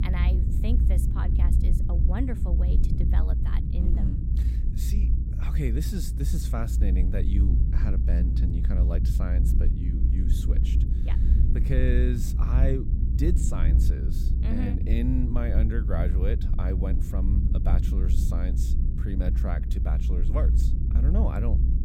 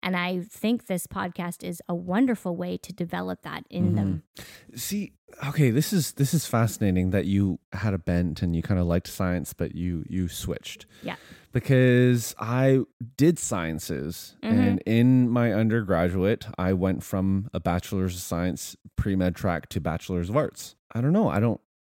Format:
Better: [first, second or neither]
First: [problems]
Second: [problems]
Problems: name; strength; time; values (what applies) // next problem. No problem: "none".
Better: second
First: low rumble; loud; throughout; 3 dB below the speech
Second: none